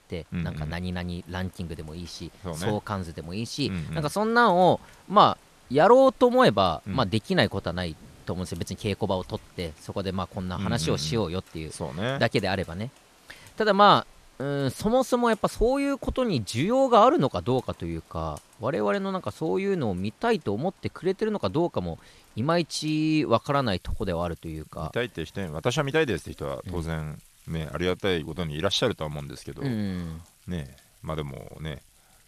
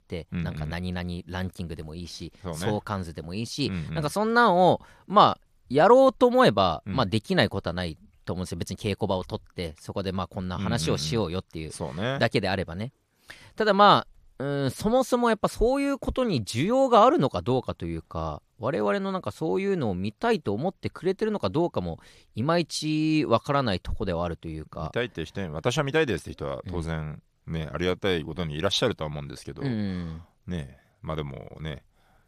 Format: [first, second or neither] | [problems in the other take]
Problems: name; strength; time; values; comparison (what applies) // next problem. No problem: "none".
second | rain or running water; faint; throughout; 30 dB below the speech